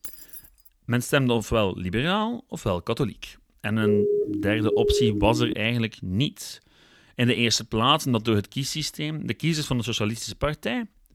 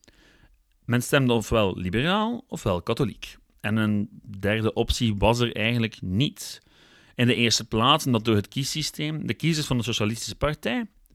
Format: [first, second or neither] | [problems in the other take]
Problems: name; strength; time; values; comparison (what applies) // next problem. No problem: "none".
second | jangling keys; faint; at the start; peak 10 dB below the speech // siren; loud; from 4 to 5.5 s; peak 2 dB above the speech